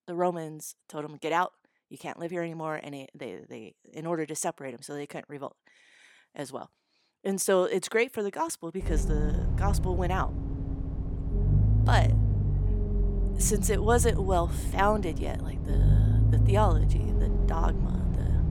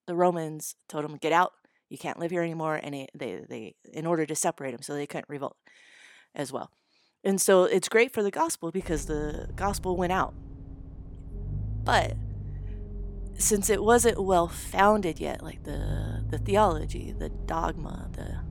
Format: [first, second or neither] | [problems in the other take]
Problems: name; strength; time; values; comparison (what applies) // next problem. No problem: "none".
second | low rumble; loud; from 9 s on; 10 dB below the speech; faint in the second